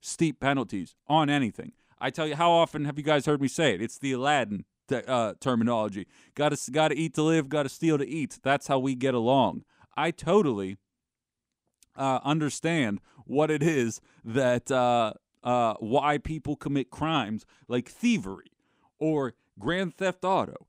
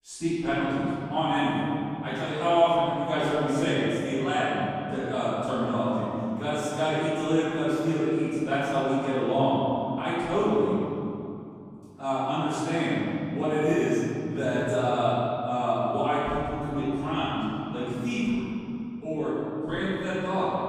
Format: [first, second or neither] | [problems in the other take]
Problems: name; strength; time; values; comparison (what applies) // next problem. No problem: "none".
first | off-mic speech; far // room echo; strong; dies away in 2.8 s